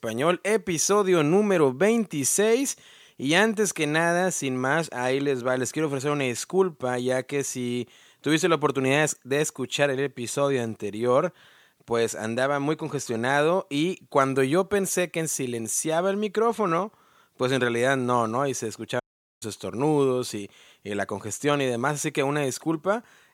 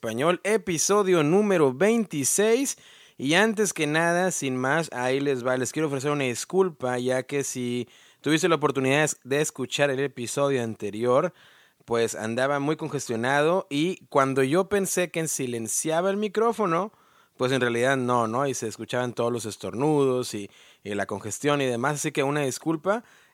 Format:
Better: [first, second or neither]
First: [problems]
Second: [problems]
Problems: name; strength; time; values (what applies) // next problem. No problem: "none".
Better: second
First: audio cutting out; at 19 s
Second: none